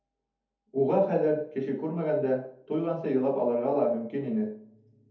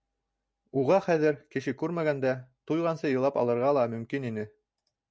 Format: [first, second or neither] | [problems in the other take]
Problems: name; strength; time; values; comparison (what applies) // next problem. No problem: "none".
second | room echo; dies away in 0.6 s